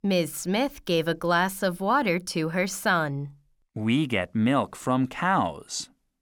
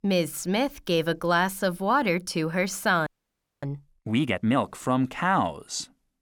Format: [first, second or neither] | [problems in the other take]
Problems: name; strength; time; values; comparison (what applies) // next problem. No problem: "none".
first | audio freezing; at 3 s for 0.5 s